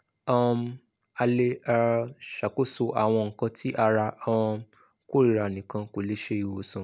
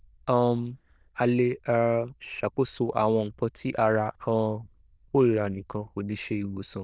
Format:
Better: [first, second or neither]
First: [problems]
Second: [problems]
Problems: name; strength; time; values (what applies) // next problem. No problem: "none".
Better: first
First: none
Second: noise reduction (neural diffusion model UNIVERSE++)